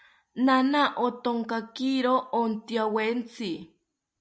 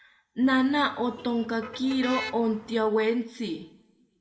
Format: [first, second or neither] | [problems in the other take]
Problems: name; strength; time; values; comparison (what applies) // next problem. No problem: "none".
first | background sound (Motor vehicle (road)); 14 dB below the speech // room echo; dies away in 0.8 s